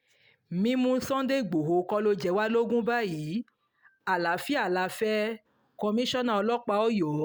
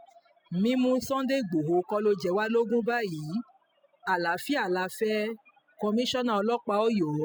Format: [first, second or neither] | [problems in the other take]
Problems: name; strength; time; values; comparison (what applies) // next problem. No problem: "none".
first | noise reduction (classical method spectral subtraction)